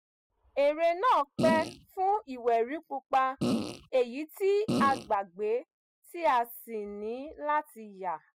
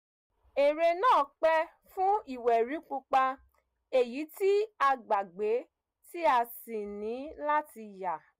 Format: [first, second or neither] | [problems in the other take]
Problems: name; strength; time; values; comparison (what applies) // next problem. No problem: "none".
second | noise reduction (classical method spectral subtraction)